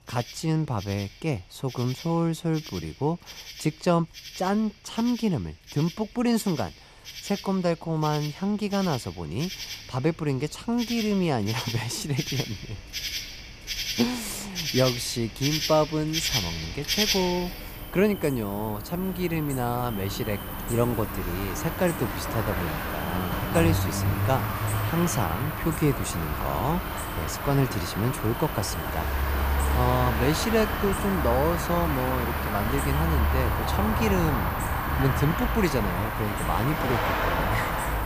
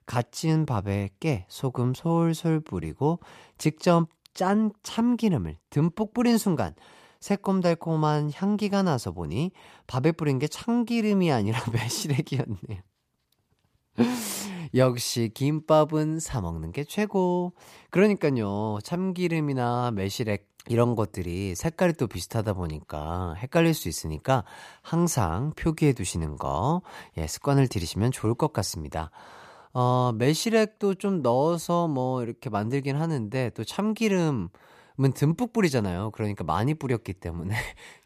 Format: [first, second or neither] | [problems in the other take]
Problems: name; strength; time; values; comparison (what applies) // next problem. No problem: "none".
second | animal sounds; loud; throughout; 2 dB below the speech